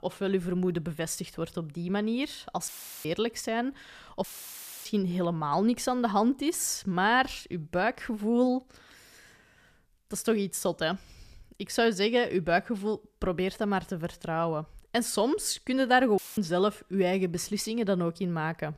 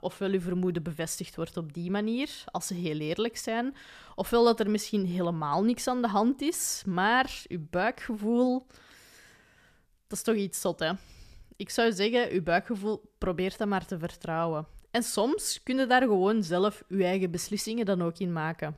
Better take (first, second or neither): second